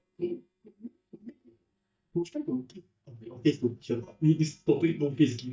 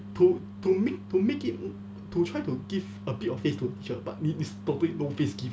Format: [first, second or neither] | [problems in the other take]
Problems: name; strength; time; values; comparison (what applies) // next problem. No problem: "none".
second | noise reduction (neural mask model DeepFilterNet 3)